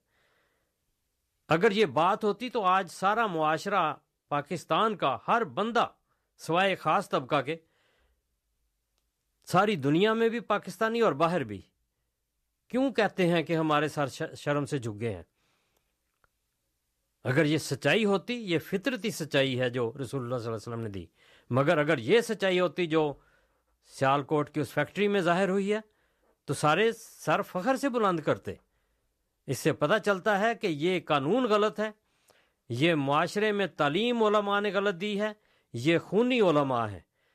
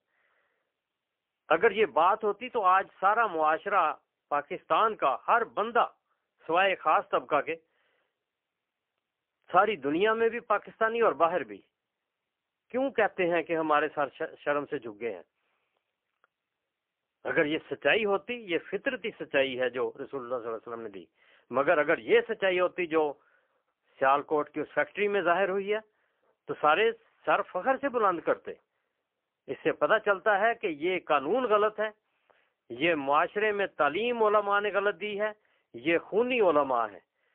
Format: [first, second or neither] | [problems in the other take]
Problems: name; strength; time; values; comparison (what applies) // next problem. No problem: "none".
first | phone-call audio; poor line; nothing above 3 kHz